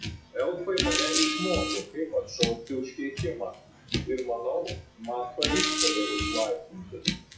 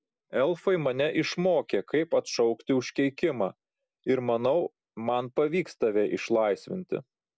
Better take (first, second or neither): second